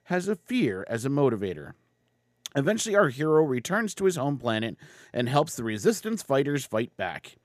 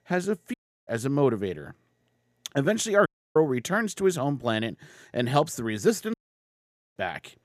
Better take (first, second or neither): first